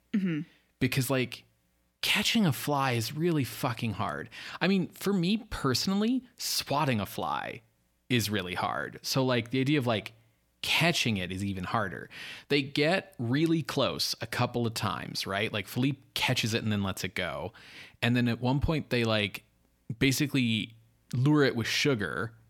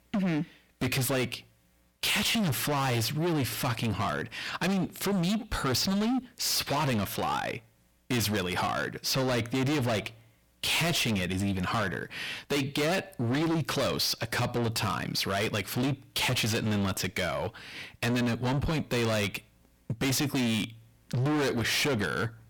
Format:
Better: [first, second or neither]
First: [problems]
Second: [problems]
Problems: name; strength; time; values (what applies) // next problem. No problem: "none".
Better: first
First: none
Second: distortion; heavy; 26% of the sound clipped